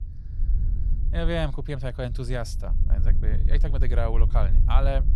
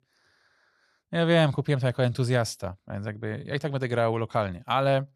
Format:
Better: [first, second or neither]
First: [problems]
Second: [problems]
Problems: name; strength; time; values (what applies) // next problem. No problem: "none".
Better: second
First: low rumble; noticeable; throughout; 15 dB below the speech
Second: none